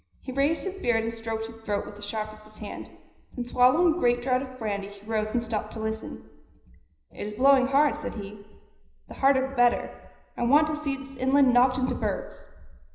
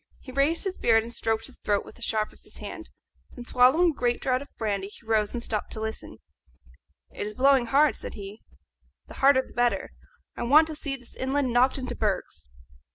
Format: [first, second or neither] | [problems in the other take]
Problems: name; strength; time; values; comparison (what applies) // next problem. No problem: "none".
second | room echo; dies away in 0.9 s